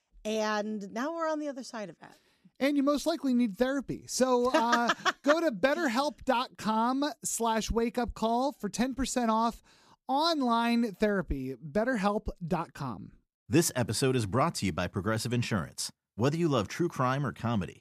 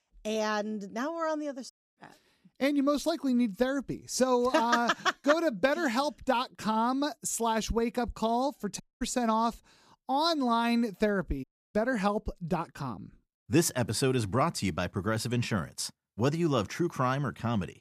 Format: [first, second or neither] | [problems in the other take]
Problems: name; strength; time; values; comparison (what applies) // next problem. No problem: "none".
first | audio cutting out; at 1.5 s, at 9 s and at 11 s